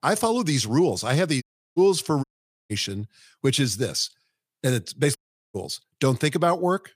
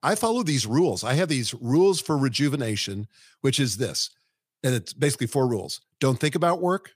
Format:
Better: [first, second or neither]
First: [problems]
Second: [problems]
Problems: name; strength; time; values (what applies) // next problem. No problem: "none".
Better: second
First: audio cutting out; at 1.5 s, at 2 s and at 5 s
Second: none